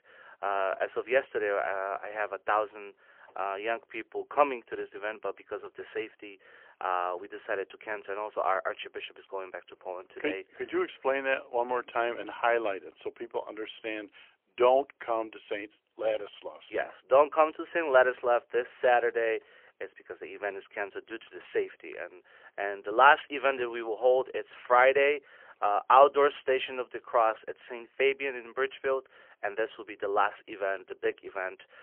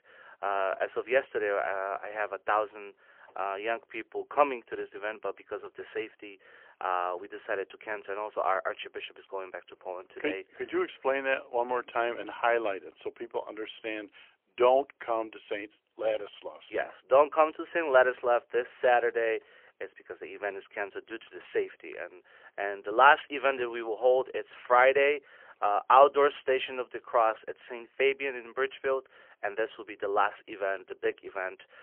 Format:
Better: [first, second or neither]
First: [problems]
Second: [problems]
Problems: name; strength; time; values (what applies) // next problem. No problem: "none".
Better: neither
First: phone-call audio; poor line; nothing above 3 kHz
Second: phone-call audio; poor line; nothing above 3 kHz